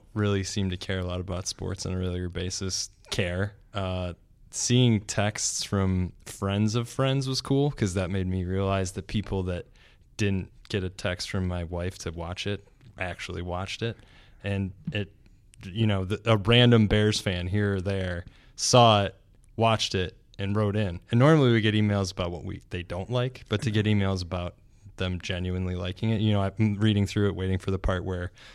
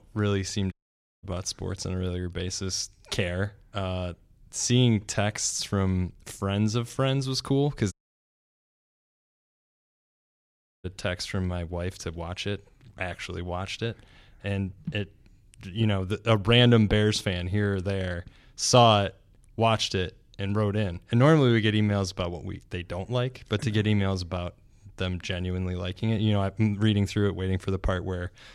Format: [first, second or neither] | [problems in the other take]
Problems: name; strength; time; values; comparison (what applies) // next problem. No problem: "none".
first | audio cutting out; at 0.5 s for 0.5 s and at 8 s for 3 s